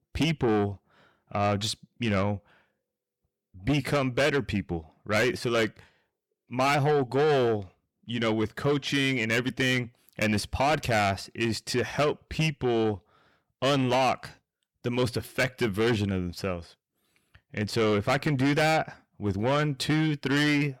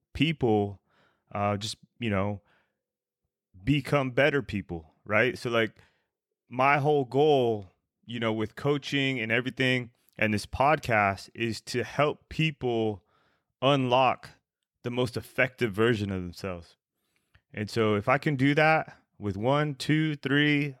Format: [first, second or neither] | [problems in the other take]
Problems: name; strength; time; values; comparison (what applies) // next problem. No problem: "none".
second | distortion; heavy; 8 dB below the speech